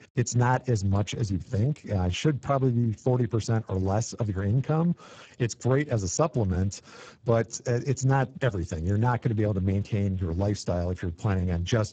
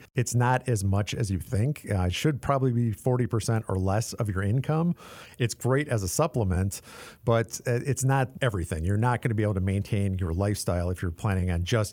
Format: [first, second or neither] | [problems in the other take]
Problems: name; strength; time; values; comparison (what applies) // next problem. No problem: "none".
second | garbled, watery; badly; nothing above 7.5 kHz